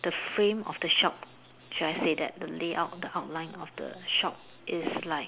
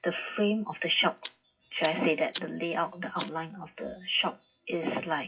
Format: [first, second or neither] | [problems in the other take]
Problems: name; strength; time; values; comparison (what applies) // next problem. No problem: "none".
first | noise reduction (classical method WPE with log-MMSE)